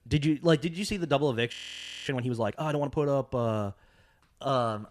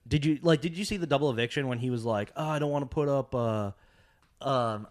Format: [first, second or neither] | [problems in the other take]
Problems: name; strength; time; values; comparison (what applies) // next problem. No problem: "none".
second | audio freezing; at 1.5 s for 0.5 s